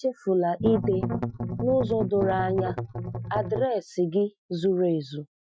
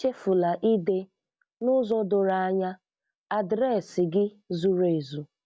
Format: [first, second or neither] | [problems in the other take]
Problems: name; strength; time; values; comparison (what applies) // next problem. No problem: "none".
second | noise reduction (classical method Wiener filter)